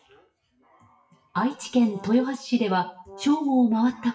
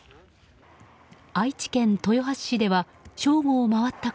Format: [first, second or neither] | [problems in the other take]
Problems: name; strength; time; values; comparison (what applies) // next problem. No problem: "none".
second | noise reduction (classical method WPE with log-MMSE)